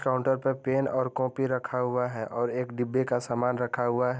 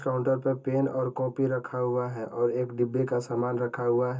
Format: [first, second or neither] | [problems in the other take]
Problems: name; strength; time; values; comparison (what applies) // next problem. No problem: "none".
first | room echo; dies away in 0.2 s